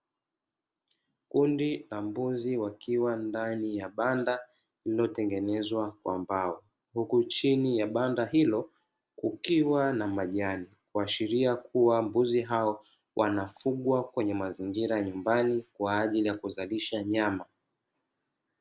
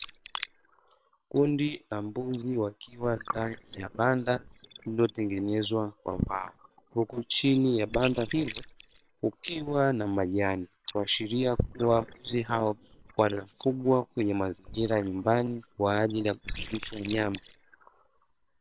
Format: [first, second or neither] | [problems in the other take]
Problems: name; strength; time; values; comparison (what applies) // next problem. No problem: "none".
first | noise reduction (neural separator model SepFormer WHAM!)